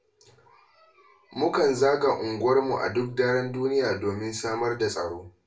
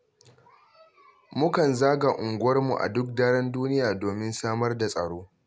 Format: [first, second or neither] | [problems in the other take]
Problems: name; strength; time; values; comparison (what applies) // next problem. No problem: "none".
second | room echo; dies away in 0.3 s